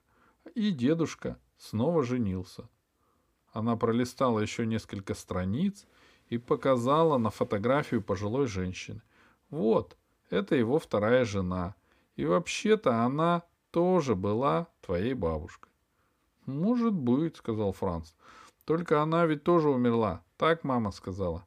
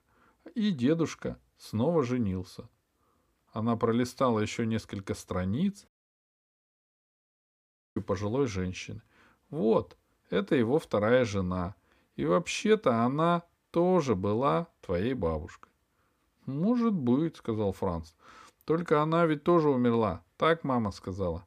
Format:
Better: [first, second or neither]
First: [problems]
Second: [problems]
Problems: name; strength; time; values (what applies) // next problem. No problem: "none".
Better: first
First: none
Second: audio cutting out; at 6 s for 2 s